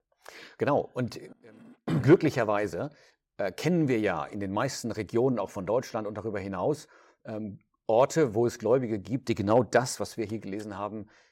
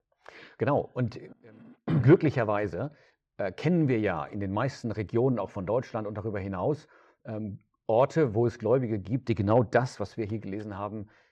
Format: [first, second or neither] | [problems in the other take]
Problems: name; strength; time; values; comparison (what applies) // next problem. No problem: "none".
first | muffled; slightly; fading above 3.5 kHz